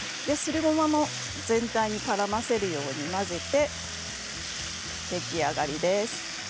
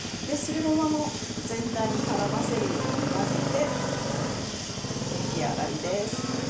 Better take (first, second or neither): first